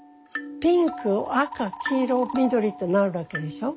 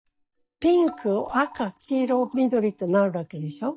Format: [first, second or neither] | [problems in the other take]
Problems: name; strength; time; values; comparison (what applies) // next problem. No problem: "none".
first | noise reduction (neural mask model DeepFilterNet 3)